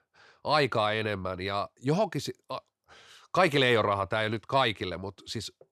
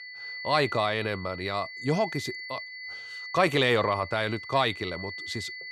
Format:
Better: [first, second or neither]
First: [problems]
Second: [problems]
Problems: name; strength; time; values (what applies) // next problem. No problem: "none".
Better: first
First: none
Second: high-pitched whine; noticeable; throughout; 2 kHz, 10 dB below the speech